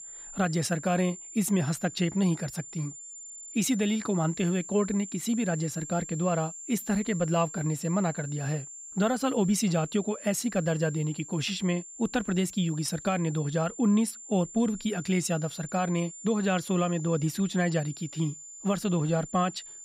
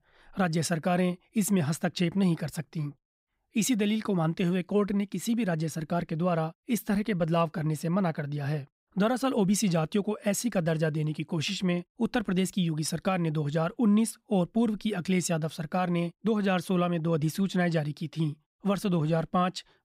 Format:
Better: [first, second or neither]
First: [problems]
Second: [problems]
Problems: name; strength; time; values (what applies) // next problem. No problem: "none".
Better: second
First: high-pitched whine; noticeable; throughout; 7.5 kHz, 10 dB below the speech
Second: none